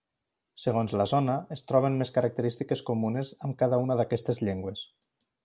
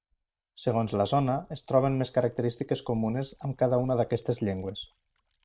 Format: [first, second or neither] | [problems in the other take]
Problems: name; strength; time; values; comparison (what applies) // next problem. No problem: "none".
first | noise reduction (neural mask model RNNoise)